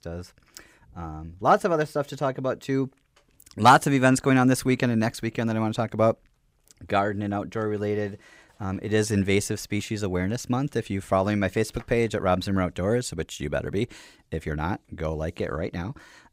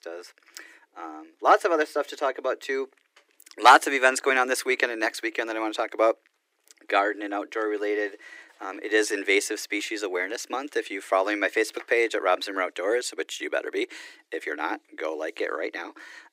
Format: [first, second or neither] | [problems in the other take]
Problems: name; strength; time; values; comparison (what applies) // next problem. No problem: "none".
first | thin; very; fading below 300 Hz